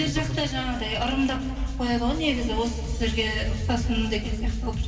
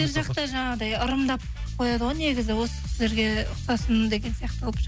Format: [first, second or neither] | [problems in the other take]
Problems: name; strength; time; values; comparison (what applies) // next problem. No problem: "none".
second | room echo; dies away in 2.8 s